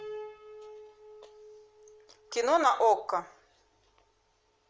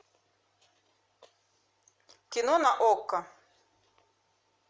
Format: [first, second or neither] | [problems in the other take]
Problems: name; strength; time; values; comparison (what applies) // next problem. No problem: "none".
second | background sound (Piano); 17 dB below the speech